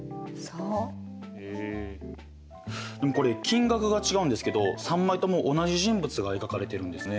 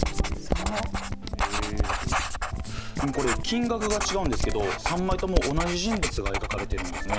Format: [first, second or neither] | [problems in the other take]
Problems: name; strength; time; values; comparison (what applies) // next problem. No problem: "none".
first | background sound (Writing); 2 dB above the speech